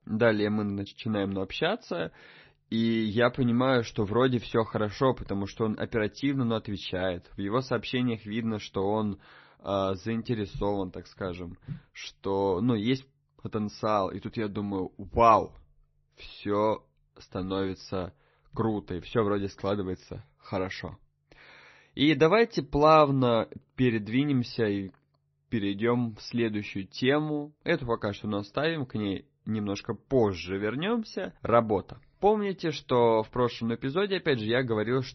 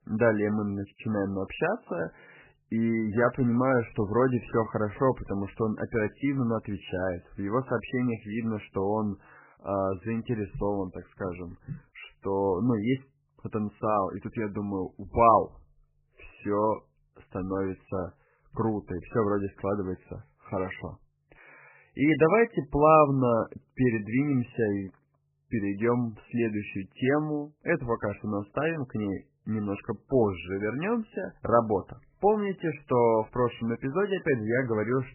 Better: first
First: garbled, watery; slightly; nothing above 6 kHz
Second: garbled, watery; badly; nothing above 3 kHz

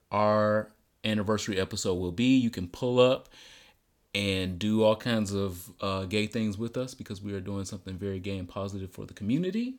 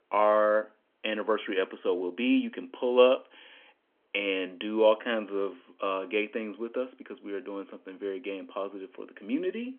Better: first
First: none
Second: phone-call audio; nothing above 3.5 kHz

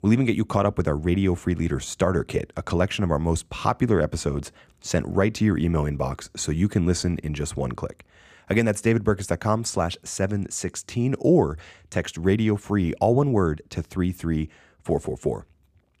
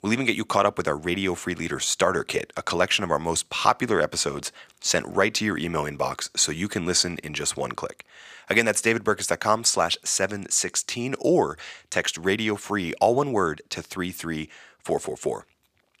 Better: first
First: none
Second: thin; somewhat; fading below 1 kHz

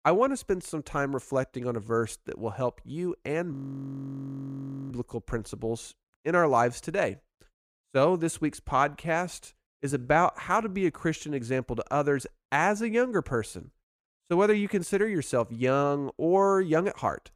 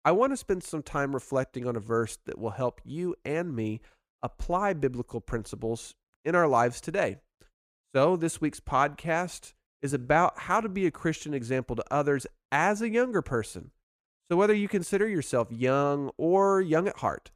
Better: second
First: audio freezing; at 3.5 s for 1.5 s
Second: none

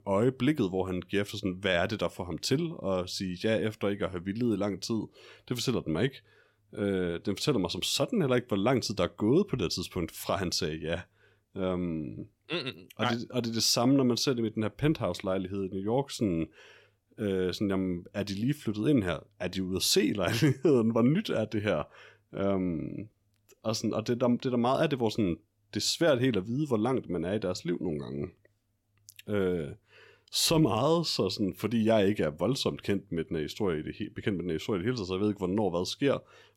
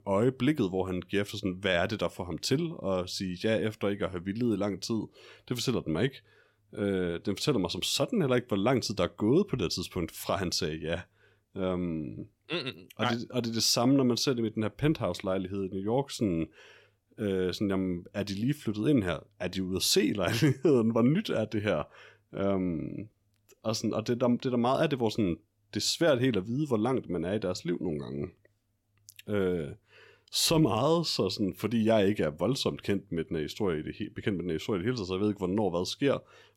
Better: neither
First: none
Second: none

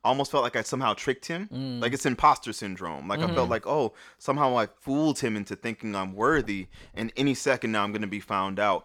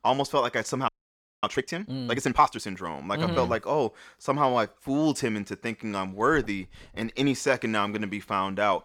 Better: first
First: none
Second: audio freezing; at 1 s for 0.5 s

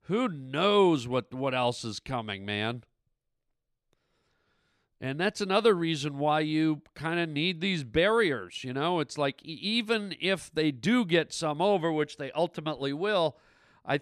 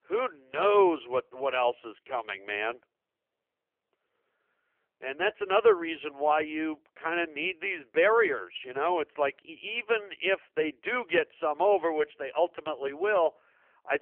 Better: first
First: none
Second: phone-call audio; poor line; nothing above 3 kHz

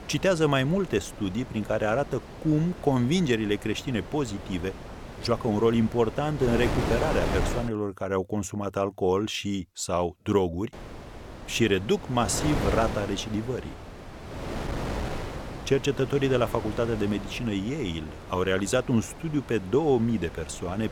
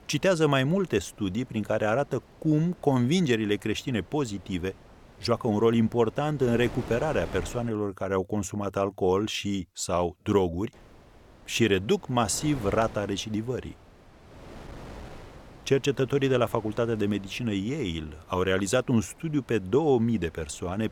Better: second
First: wind noise on the microphone; heavy; until 7.5 s and from 11 s on; 10 dB below the speech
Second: wind noise on the microphone; occasional gusts; until 7.5 s and from 11 s on; 20 dB below the speech

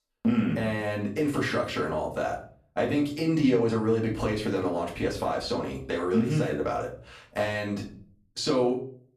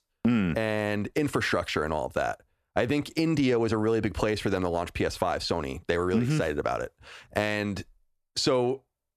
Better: second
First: room echo; slight; dies away in 0.4 s // off-mic speech; far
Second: none

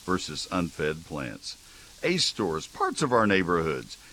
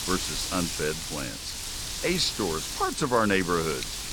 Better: first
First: wind noise on the microphone; occasional gusts; 25 dB below the speech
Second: wind noise on the microphone; heavy; 5 dB below the speech

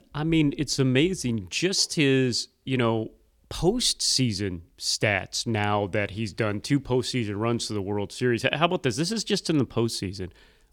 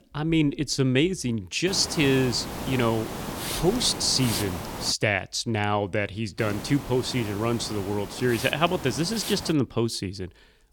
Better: first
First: none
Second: hiss; loud; from 1.5 to 5 s and from 6.5 to 9.5 s; 9 dB below the speech

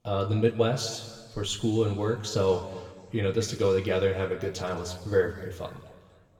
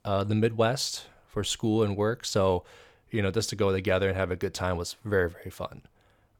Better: second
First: room echo; slight; dies away in 1.7 s // off-mic speech; somewhat distant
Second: none

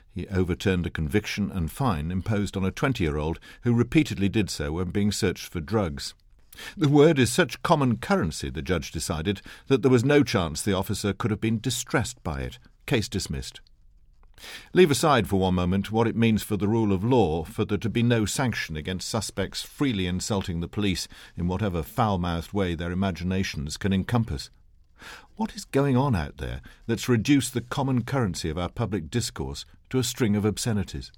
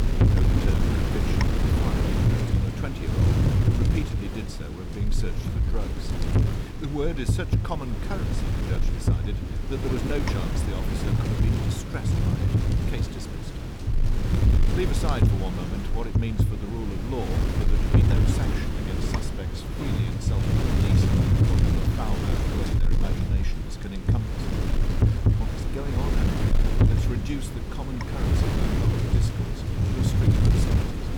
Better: first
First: none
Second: wind noise on the microphone; heavy; 4 dB above the speech

